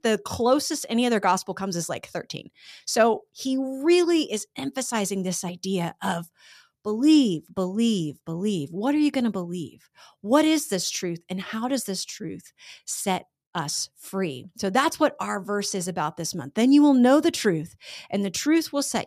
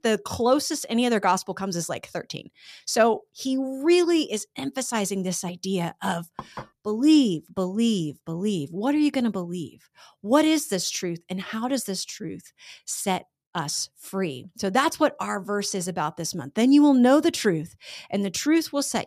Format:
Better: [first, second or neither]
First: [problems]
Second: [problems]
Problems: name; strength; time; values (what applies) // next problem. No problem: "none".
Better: first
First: none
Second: clattering dishes; faint; at 6.5 s; peak 15 dB below the speech